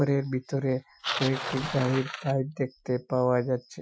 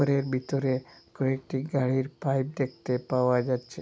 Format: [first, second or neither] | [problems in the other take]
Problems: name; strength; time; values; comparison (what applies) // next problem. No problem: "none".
second | noise reduction (classical method Wiener filter)